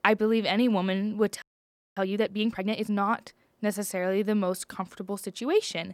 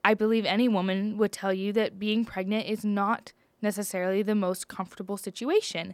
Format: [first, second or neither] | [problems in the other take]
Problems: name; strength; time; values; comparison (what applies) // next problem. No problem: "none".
second | audio freezing; at 1.5 s for 0.5 s